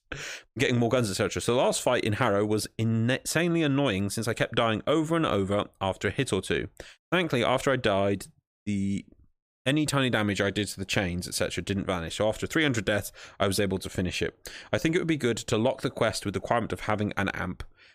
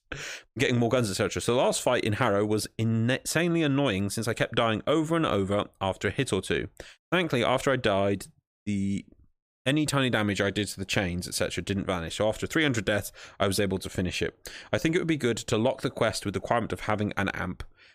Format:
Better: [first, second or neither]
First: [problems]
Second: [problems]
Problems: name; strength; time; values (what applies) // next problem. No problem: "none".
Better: neither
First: none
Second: none